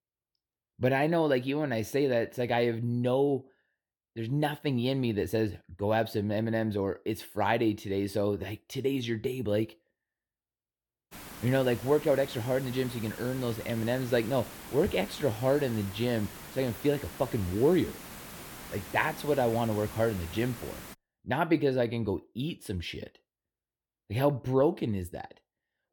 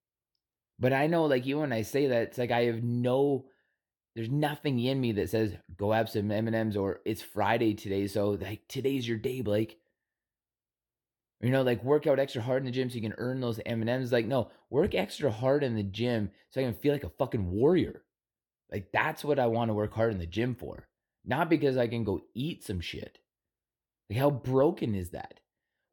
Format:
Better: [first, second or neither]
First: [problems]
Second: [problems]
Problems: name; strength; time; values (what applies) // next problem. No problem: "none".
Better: second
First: hiss; noticeable; from 11 to 21 s; 15 dB below the speech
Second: none